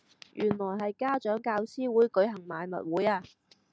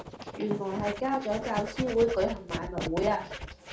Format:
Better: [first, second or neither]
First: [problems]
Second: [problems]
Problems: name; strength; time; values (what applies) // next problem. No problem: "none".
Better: first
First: none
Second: background sound (Writing); 8 dB below the speech // room echo; dies away in 0.4 s